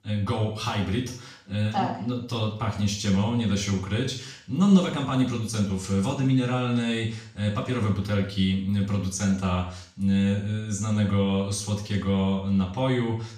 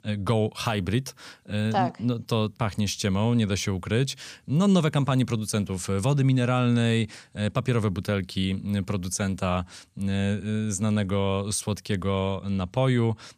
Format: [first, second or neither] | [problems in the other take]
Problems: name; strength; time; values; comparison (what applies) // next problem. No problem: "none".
second | room echo; noticeable; dies away in 0.5 s // off-mic speech; far